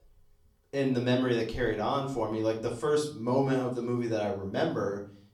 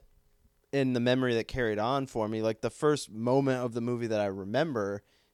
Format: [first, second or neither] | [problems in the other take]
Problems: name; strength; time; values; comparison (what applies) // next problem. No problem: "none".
second | off-mic speech; far // room echo; slight; dies away in 0.4 s